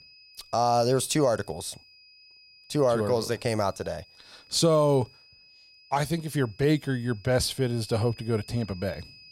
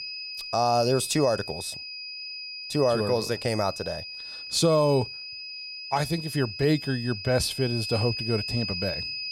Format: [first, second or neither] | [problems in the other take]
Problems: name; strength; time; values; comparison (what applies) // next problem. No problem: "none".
first | high-pitched whine; loud; throughout; 5 kHz, 7 dB below the speech; faint in the first